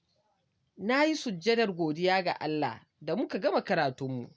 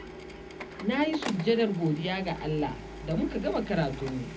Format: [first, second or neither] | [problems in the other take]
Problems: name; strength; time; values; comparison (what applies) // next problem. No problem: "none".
first | background sound (Printer); 11 dB below the speech // room echo; dies away in 0.4 s